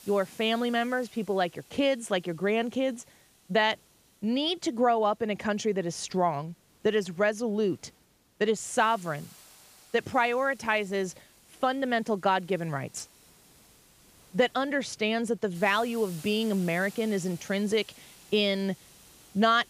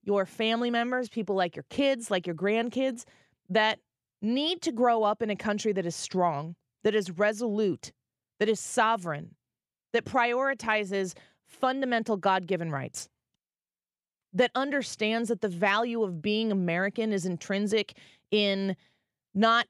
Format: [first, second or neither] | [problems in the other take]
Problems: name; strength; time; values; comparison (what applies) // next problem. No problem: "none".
second | hiss; faint; throughout; 25 dB below the speech